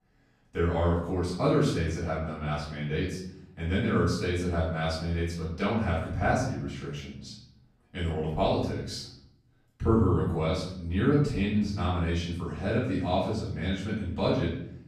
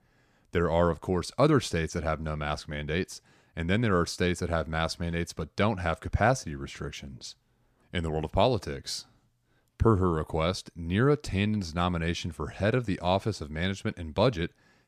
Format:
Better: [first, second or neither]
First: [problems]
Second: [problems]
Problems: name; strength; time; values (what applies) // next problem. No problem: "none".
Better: second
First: off-mic speech; far // room echo; noticeable; dies away in 0.7 s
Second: none